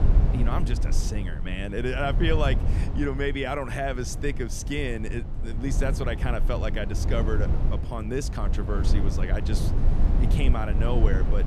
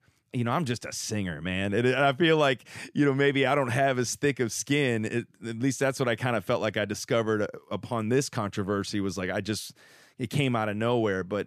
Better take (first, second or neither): second